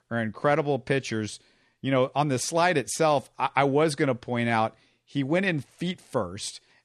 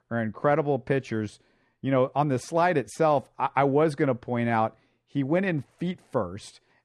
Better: first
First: none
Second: muffled; slightly; fading above 2.5 kHz

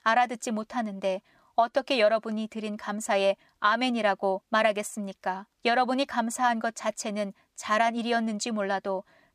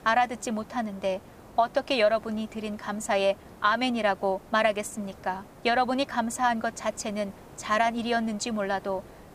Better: first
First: none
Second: hiss; faint; throughout; 20 dB below the speech

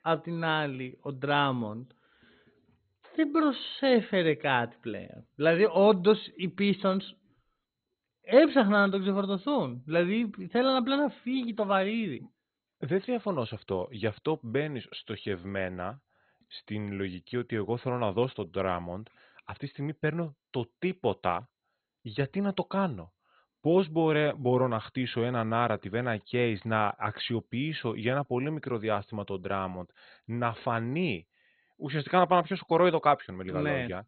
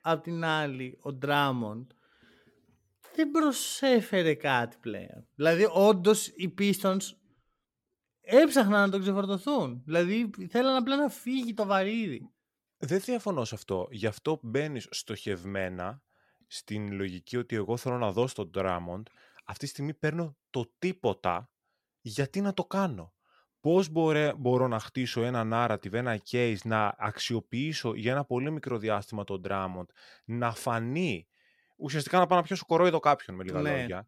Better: second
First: garbled, watery; badly; nothing above 4 kHz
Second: none

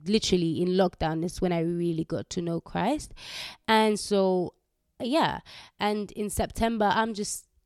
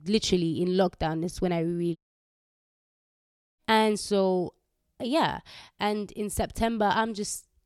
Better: first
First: none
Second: audio cutting out; at 2 s for 1.5 s

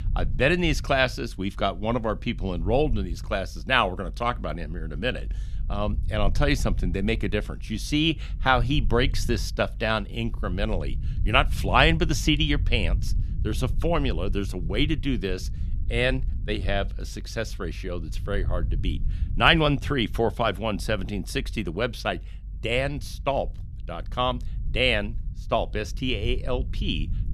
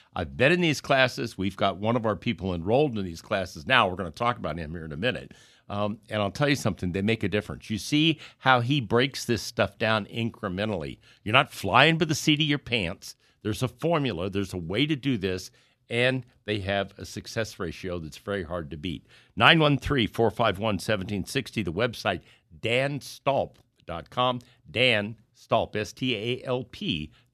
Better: second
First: low rumble; faint; throughout; 25 dB below the speech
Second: none

